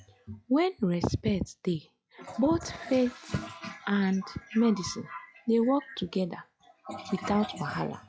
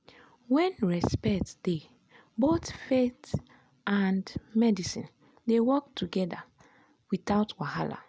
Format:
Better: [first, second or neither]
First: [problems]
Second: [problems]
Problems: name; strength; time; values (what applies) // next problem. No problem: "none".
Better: second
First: noise reduction (classical method log-MMSE)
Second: none